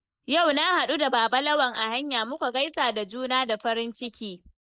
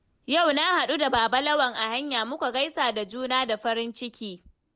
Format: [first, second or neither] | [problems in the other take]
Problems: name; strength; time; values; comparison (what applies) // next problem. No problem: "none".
second | noise reduction (neural mask model Resemble Enhance denoiser)